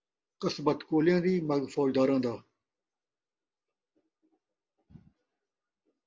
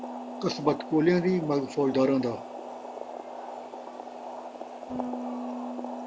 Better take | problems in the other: first | background sound (Boiling + Bass guitar); 7 dB below the speech

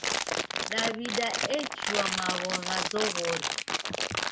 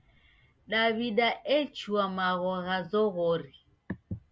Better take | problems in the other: second | background sound (Crumpling, crinkling); 3 dB above the speech

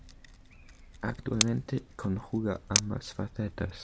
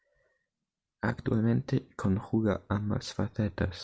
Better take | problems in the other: second | background sound (Tick); 3 dB below the speech

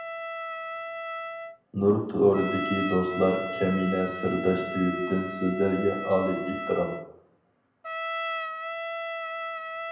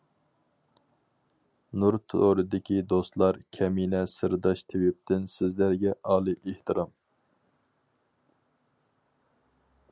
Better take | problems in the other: second | background sound (Trumpet); 6 dB below the speech // room echo; dies away in 0.8 s

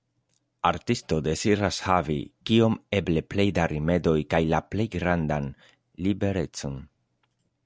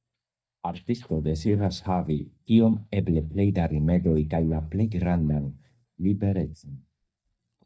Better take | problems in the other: first | noise reduction (neural mask model DeepFilterNet 3)

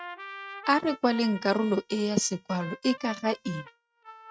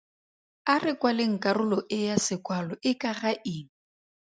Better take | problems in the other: second | noise reduction (neural mask model RNNoise)

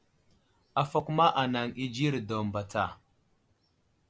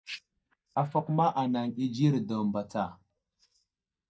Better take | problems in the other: first | noise reduction (neural mask model DeepFilterNet 3)

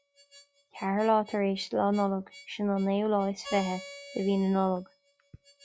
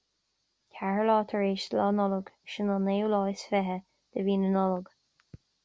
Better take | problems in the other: second | noise reduction (classical method log-MMSE)

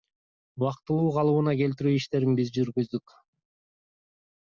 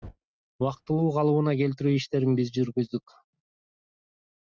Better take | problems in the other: first | noise reduction (neural mask model RNNoise)

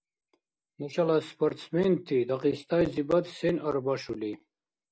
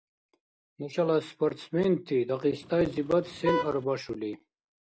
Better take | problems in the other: first | background sound (Vehicle horn, car horn, honking); 5 dB below the speech

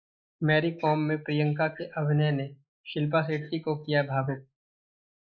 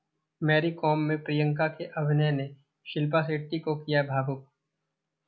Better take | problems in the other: second | noise reduction (neural mask model Resemble Enhance denoiser)

